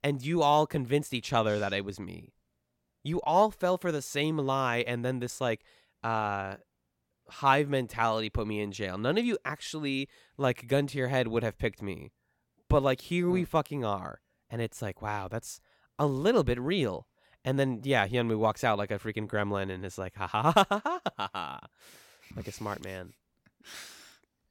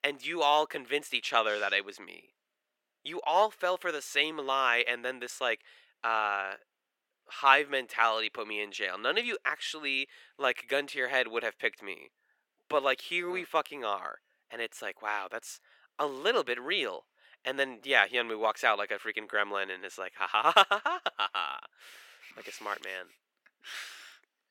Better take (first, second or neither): first